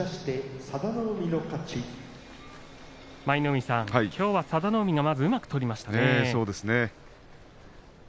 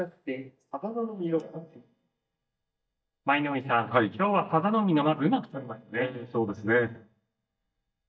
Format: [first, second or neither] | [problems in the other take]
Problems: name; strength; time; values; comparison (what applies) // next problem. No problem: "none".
first | noise reduction (neural mask model DeepFilterNet 3)